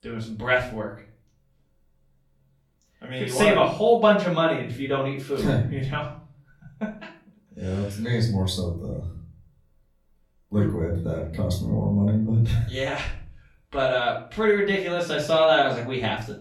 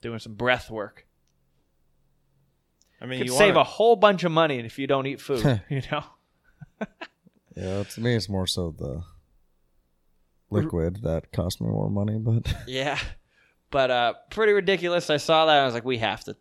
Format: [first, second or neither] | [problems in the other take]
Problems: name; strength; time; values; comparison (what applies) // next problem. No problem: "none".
second | room echo; slight; dies away in 0.5 s // off-mic speech; far